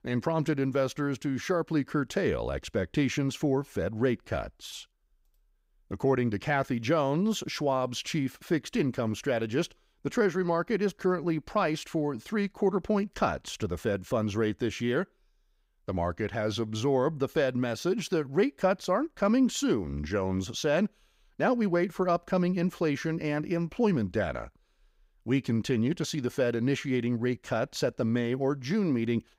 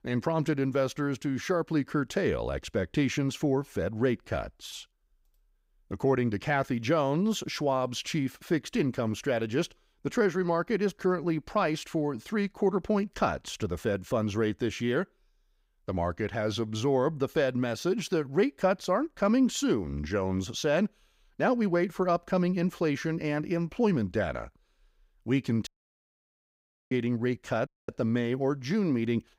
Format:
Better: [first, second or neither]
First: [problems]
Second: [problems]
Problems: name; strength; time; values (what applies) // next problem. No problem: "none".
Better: first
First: none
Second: audio cutting out; at 26 s for 1 s and at 28 s